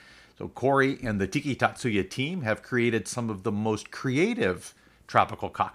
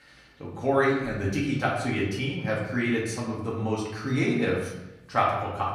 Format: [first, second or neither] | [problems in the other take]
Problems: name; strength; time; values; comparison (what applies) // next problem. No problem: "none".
first | off-mic speech; far // room echo; noticeable; dies away in 0.9 s